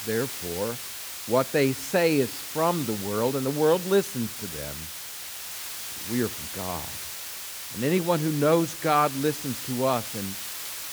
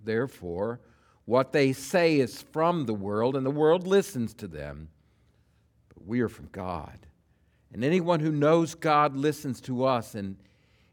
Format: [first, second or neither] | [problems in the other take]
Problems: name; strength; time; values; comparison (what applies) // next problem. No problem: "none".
second | hiss; loud; throughout; 7 dB below the speech